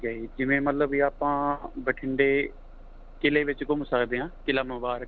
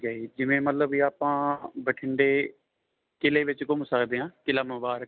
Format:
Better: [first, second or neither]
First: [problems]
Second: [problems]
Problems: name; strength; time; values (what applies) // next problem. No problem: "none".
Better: second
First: background sound (Bus); 17 dB below the speech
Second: none